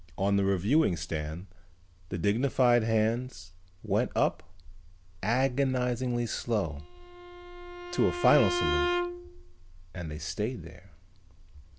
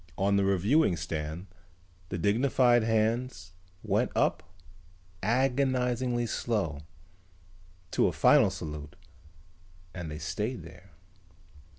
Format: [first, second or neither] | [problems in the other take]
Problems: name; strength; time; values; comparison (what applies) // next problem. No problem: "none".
second | background sound (Bowed string instrument); 4 dB below the speech